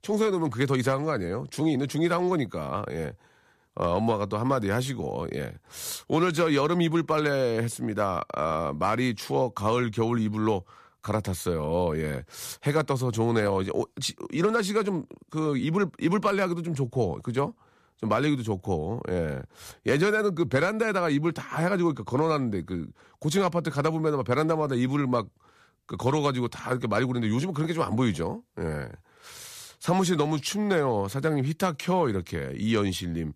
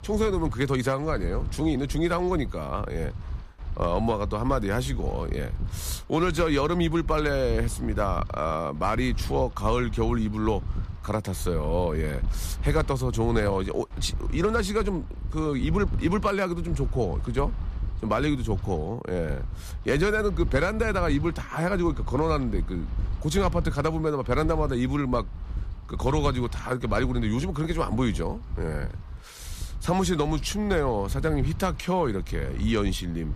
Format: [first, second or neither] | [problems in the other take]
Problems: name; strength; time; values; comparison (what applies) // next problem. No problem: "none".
first | wind noise on the microphone; occasional gusts; 20 dB below the speech